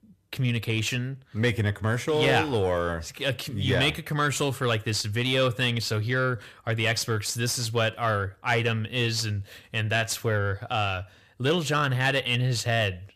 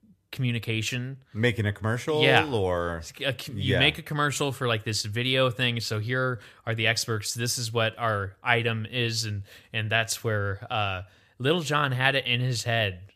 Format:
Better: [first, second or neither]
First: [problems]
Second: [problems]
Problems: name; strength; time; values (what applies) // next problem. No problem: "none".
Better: second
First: distortion; slight; 10 dB below the speech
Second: none